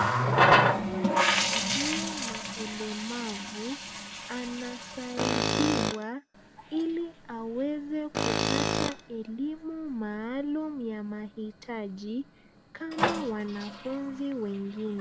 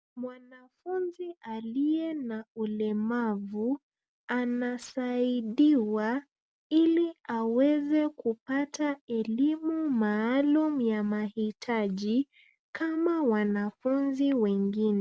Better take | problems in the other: second | background sound (Tools + Water tap, faucet); 4 dB above the speech

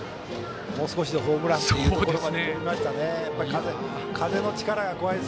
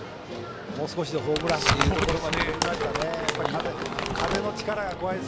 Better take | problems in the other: first | background sound (Crumpling, crinkling); 2 dB below the speech

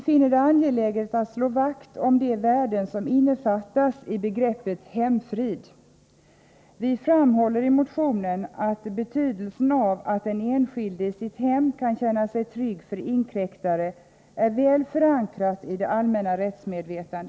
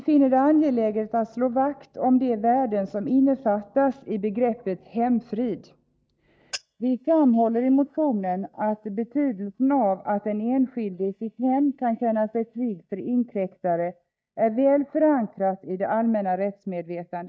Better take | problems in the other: first | noise reduction (neural mask model DeepFilterNet 3)

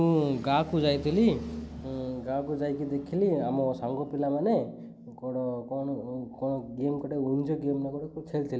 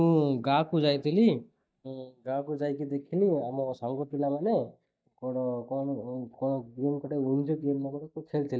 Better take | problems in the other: first | noise reduction (neural mask model DeepFilterNet 3)

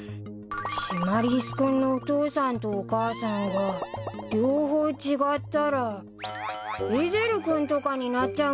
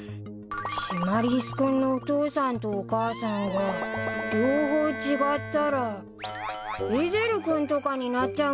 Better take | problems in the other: first | background sound (Bowed string instrument); 9 dB below the speech

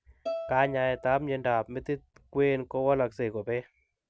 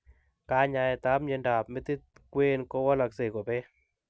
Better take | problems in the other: second | background sound (Bowed string instrument); 11 dB below the speech

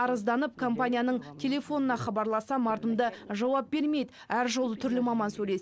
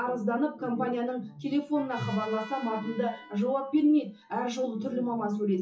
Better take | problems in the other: first | noise reduction (classical method WPE with log-MMSE)

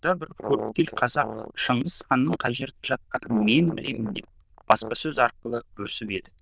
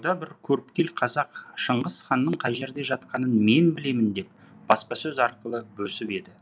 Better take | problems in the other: second | noise reduction (neural diffusion model UNIVERSE++)

